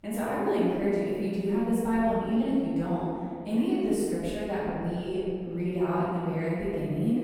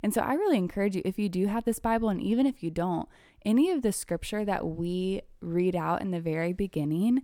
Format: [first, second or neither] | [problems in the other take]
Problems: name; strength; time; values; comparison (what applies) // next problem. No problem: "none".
second | room echo; strong; dies away in 2.2 s // off-mic speech; far